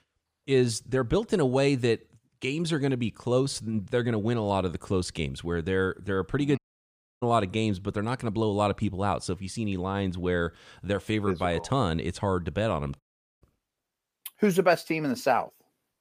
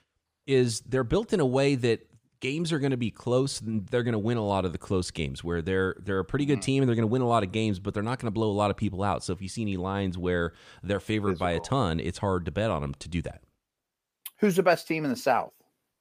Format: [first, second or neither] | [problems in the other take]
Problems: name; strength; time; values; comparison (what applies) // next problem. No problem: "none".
second | audio cutting out; at 6.5 s for 0.5 s and at 13 s